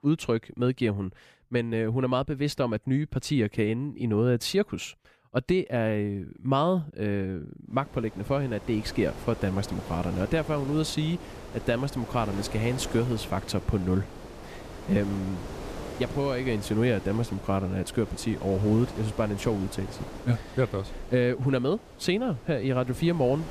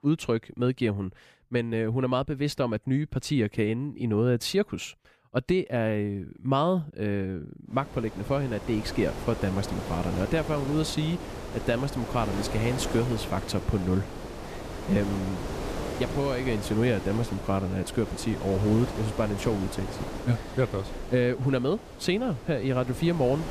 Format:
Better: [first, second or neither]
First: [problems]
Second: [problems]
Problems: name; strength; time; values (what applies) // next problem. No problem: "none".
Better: first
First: wind noise on the microphone; occasional gusts; from 7.5 s on; 10 dB below the speech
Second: wind noise on the microphone; heavy; from 7.5 s on; 7 dB below the speech